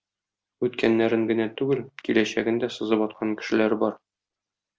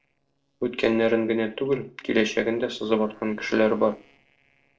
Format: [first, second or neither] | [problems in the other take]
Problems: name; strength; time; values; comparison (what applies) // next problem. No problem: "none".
first | noise reduction (neural separator model SepFormer DNS4)